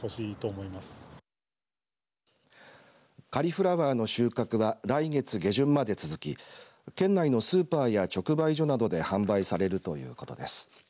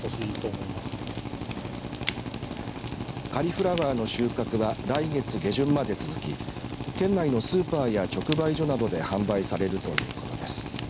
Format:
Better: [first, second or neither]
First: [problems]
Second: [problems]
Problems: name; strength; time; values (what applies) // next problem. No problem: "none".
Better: first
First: none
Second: background sound (Drill + Fire); 5 dB below the speech